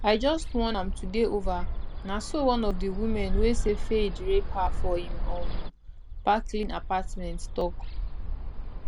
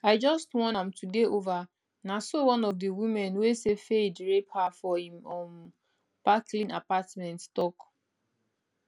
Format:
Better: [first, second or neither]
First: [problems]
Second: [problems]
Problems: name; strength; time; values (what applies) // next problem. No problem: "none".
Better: second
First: background sound (Bird); 1 dB above the speech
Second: none